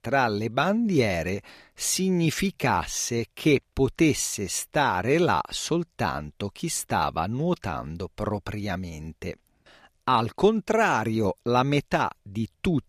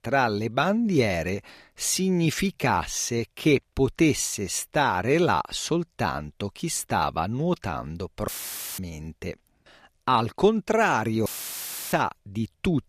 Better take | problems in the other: first | audio cutting out; filled with static; at 8.5 s for 0.5 s and at 11 s for 0.5 s

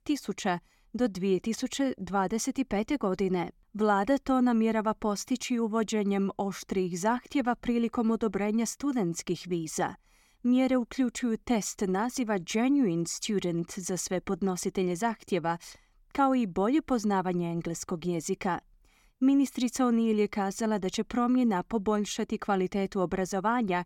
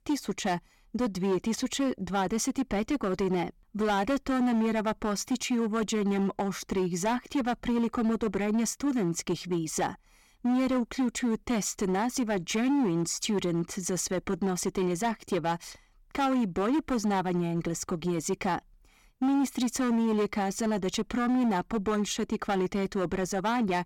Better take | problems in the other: first | distortion; slight; 15% of the sound clipped

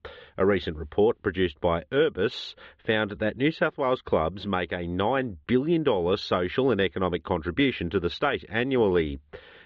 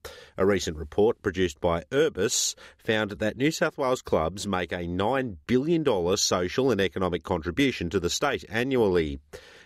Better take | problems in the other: second | muffled; very; fading above 3.5 kHz

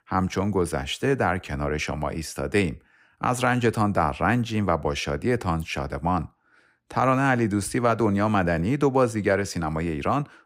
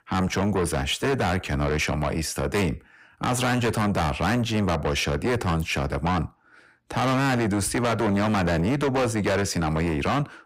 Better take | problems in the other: first | distortion; heavy; 6 dB below the speech

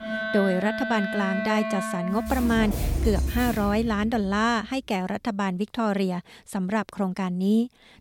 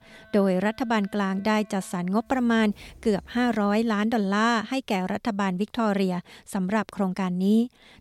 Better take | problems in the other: second | background music; loud; until 3.5 s; 4 dB below the speech; faint in the second

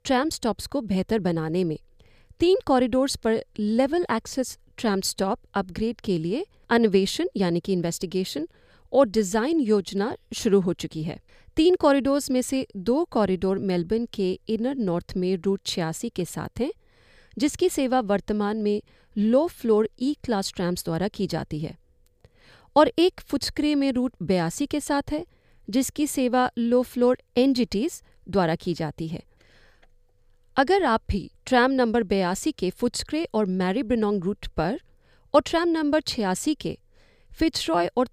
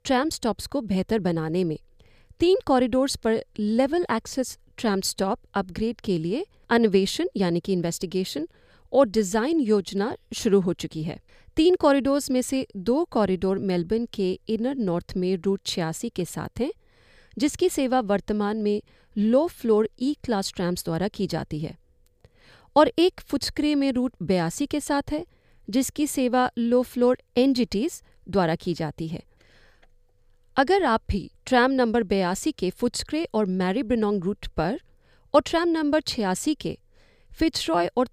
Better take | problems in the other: neither | none

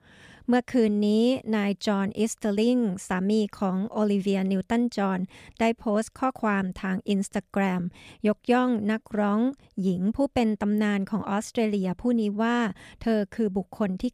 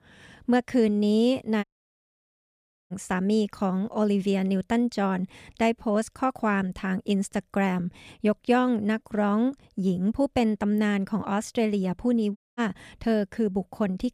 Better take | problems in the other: first | audio cutting out; at 1.5 s for 1.5 s and at 12 s

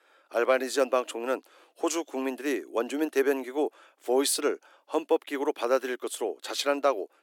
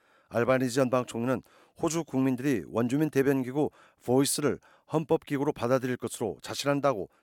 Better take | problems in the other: second | thin; somewhat; fading below 300 Hz

